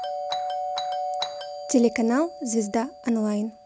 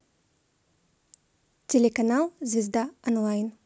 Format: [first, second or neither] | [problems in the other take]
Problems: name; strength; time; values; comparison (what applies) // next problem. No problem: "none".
second | background sound (Doorbell); 6 dB below the speech